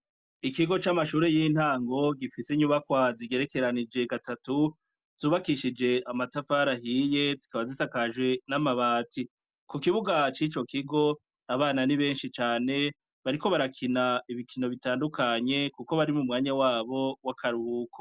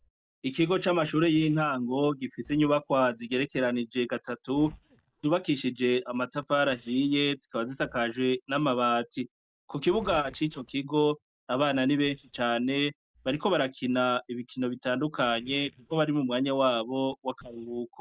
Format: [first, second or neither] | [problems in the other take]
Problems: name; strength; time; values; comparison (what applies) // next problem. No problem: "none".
first | noise reduction (neural mask model DeepFilterNet 3)